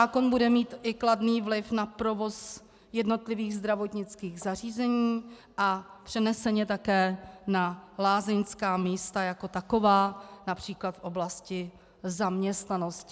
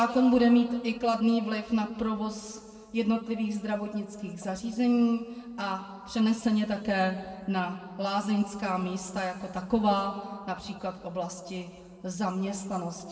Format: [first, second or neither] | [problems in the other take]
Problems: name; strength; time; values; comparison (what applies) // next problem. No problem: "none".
first | room echo; dies away in 1.4 s